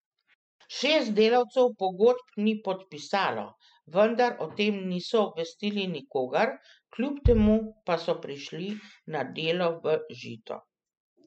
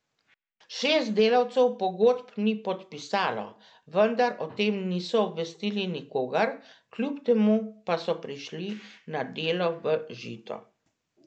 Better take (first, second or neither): second